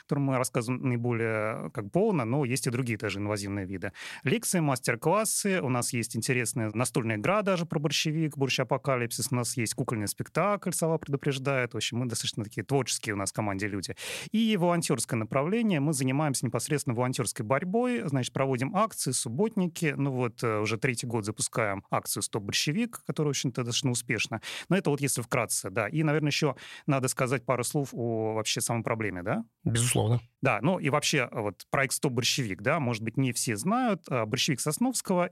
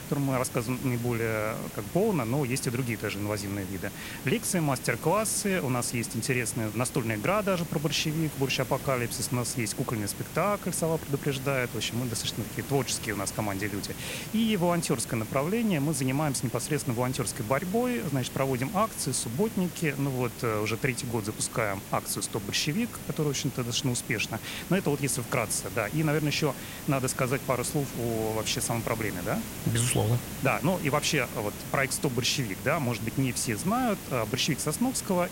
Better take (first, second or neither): first